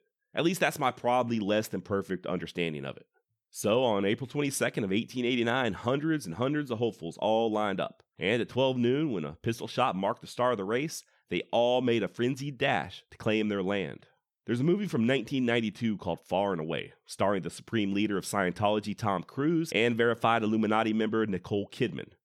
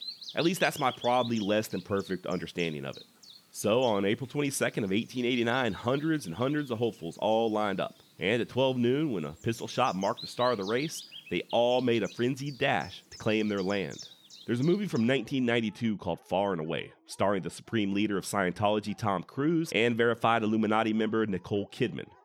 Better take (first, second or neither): first